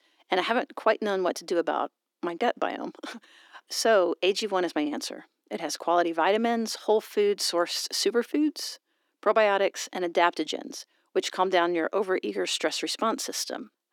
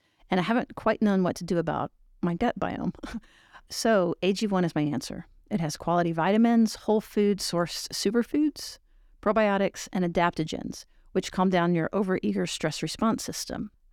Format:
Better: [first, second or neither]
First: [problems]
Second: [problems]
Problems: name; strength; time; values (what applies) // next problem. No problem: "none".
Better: second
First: thin; somewhat; fading below 300 Hz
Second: none